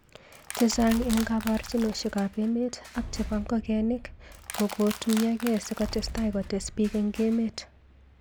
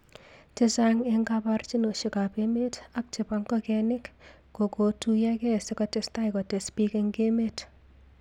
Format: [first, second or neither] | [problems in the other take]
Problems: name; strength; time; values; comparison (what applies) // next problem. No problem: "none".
second | background sound (Boom + Crushing); 12 dB below the speech